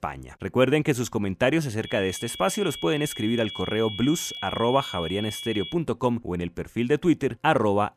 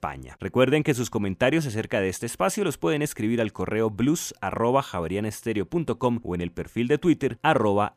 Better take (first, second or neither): second